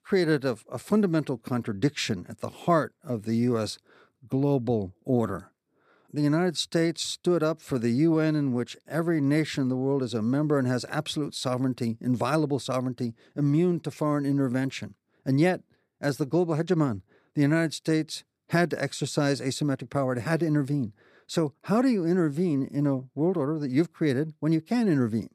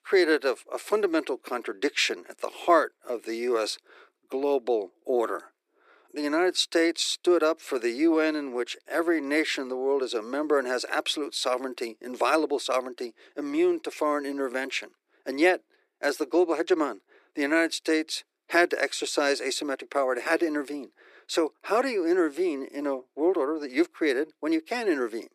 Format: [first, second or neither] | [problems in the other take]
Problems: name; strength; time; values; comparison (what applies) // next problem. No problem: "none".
first | thin; very; fading below 350 Hz